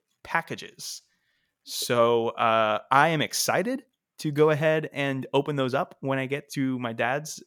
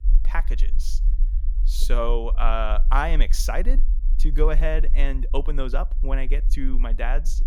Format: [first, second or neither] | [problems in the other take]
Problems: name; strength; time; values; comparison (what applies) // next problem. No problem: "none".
first | low rumble; faint; throughout; 20 dB below the speech